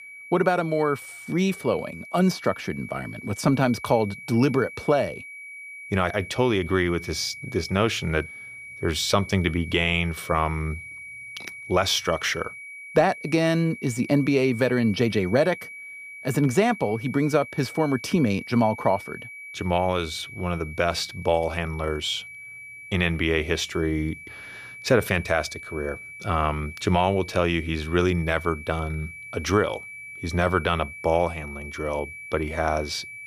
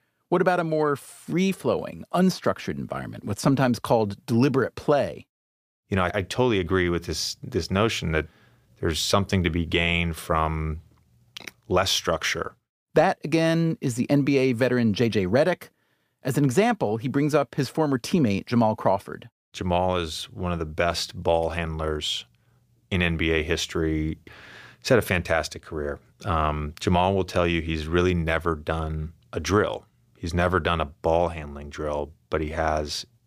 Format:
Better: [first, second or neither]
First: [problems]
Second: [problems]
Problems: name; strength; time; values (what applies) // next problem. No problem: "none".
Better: second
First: high-pitched whine; noticeable; throughout; 2.5 kHz, 15 dB below the speech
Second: none